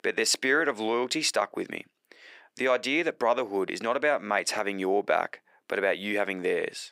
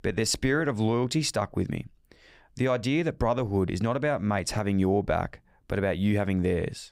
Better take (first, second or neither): second